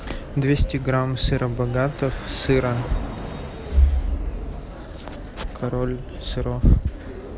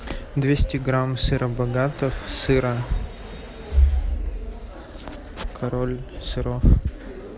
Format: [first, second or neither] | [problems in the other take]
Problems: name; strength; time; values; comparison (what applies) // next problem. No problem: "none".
second | background sound (Subway, metro, underground / Train); 14 dB below the speech